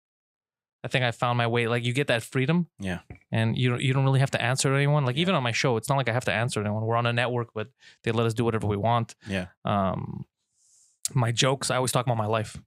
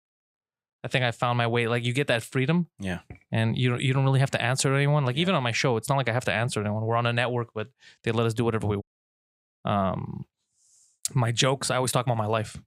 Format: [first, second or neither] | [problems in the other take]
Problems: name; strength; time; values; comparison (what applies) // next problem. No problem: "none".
first | audio cutting out; at 9 s for 1 s